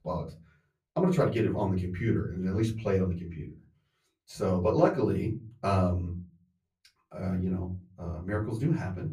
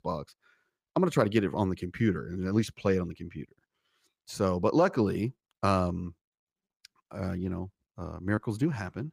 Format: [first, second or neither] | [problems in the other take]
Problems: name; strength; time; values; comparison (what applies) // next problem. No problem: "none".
second | off-mic speech; far // room echo; very slight; dies away in 0.4 s